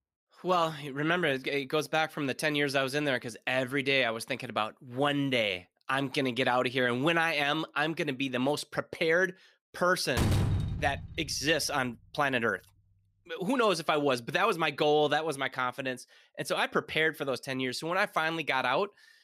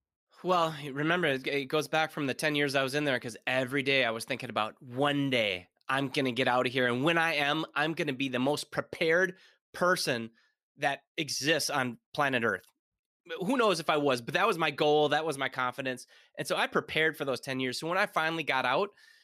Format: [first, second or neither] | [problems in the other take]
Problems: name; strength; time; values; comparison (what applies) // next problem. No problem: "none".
second | door banging; loud; from 10 to 11 s; peak 1 dB above the speech